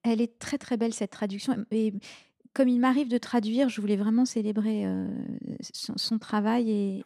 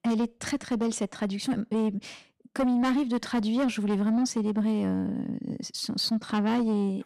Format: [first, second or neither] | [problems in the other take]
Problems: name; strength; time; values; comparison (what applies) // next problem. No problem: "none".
first | distortion; slight; 10 dB below the speech